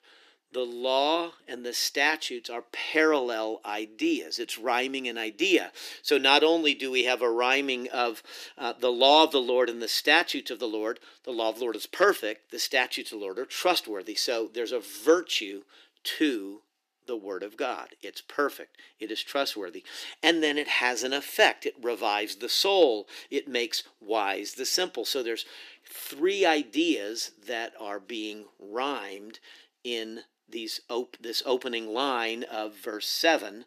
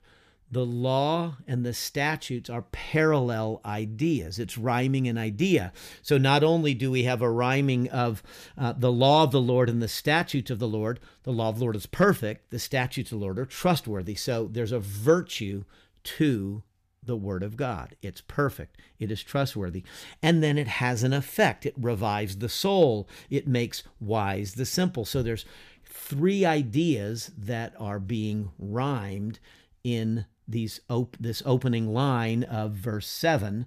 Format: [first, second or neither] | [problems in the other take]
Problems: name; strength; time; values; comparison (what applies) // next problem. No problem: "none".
second | thin; somewhat; fading below 300 Hz